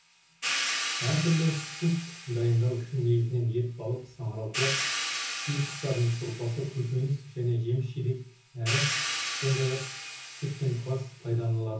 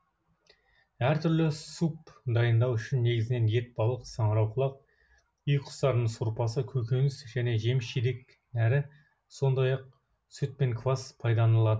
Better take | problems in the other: second | background sound (Hi-hat); 6 dB below the speech // room echo; dies away in 0.6 s

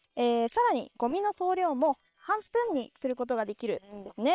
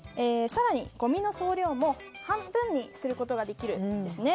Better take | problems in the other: second | noise reduction (neural separator model SepFormer WHAM!)

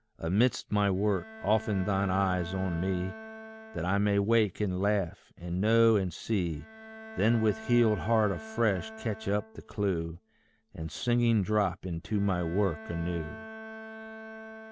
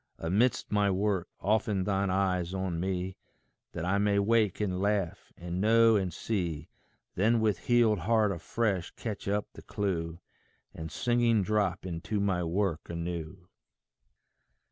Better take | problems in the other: second | background sound (Bowed string instrument); 16 dB below the speech

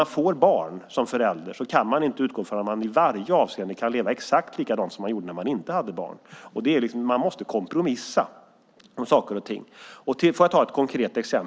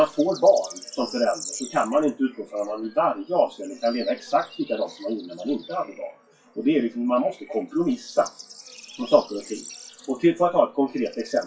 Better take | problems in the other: first | noise reduction (classical method WPE with log-MMSE)

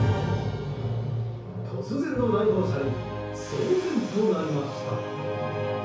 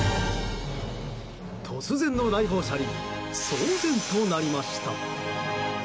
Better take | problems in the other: second | room echo; dies away in 0.6 s

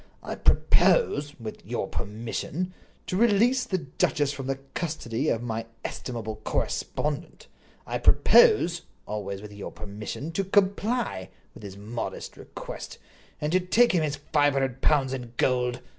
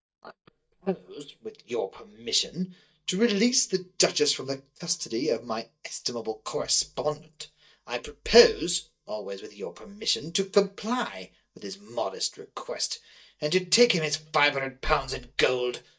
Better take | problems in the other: first | noise reduction (neural mask model DeepFilterNet 3)

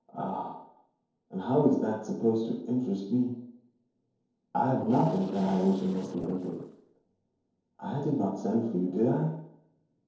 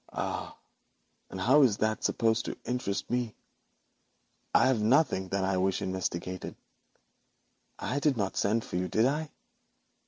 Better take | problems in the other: second | noise reduction (neural separator model SepFormer DNS4)

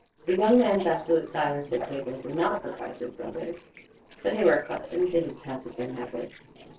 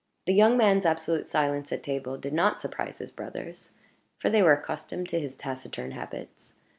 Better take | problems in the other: second | noise reduction (neural separator model SepFormer DNS4)

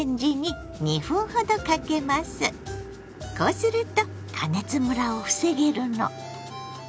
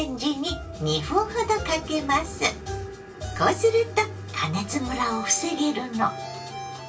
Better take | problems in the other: first | room echo; dies away in 0.2 s

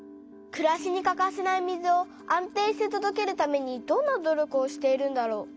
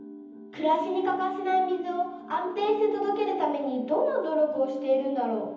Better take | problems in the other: first | room echo; dies away in 1.3 s

